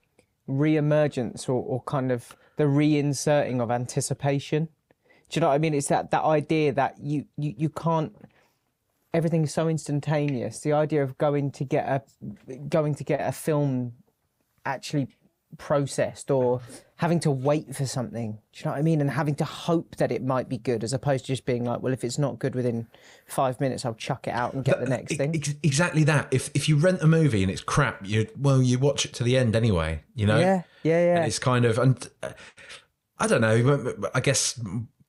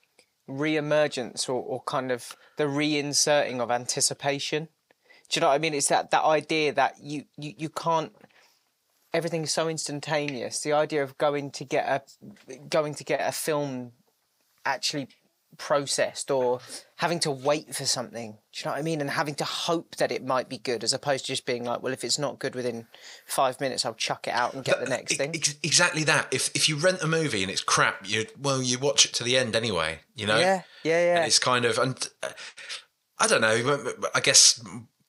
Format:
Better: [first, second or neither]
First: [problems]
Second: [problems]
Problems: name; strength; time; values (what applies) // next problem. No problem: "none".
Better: first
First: none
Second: thin; somewhat; fading below 900 Hz